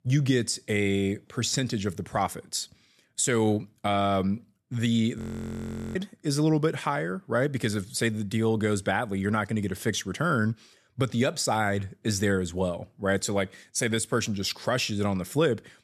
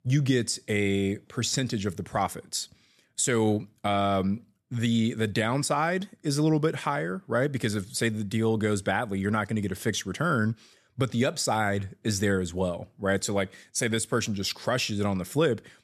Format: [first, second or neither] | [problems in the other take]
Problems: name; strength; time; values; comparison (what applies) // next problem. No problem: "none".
second | audio freezing; at 5 s for 1 s